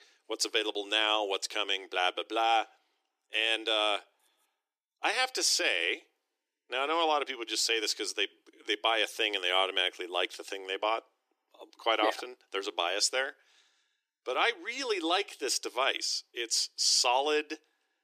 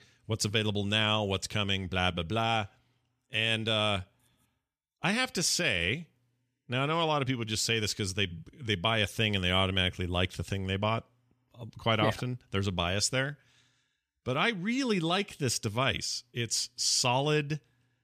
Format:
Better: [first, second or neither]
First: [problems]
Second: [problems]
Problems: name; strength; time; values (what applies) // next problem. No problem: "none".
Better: second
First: thin; very; fading below 300 Hz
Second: none